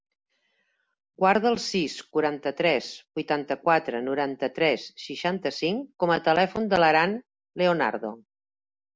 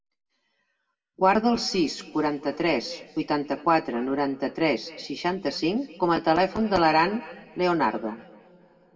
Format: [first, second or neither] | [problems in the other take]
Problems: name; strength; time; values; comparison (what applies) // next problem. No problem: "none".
first | room echo; dies away in 2.1 s